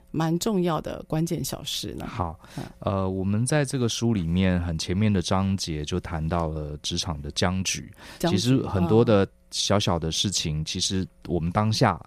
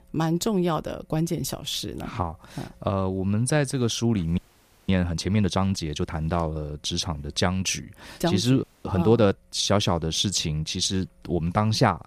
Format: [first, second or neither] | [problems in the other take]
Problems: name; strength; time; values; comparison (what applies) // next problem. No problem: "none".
first | audio freezing; at 4.5 s for 0.5 s and at 8.5 s